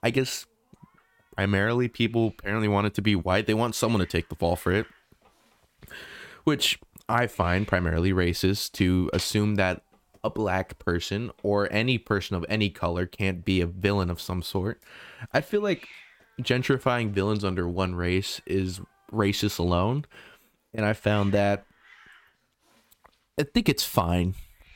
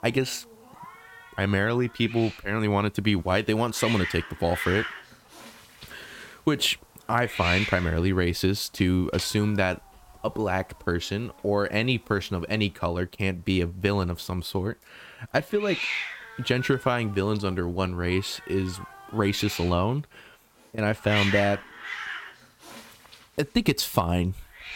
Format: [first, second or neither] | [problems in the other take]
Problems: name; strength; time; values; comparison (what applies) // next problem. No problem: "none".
first | hiss; loud; throughout; 7 dB below the speech; faint in the first